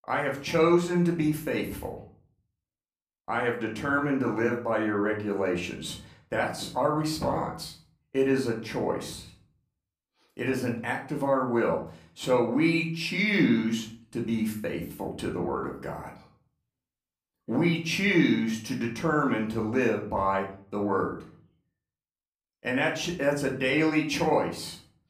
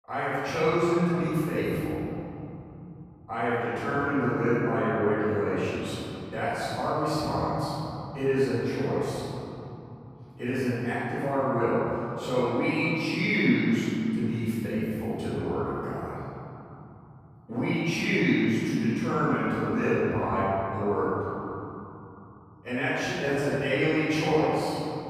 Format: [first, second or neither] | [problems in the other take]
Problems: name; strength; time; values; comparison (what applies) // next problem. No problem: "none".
first | room echo; strong; dies away in 3 s; slight in the first // off-mic speech; far; far in the first